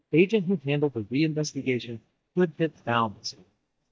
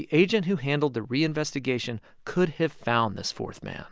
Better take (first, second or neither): second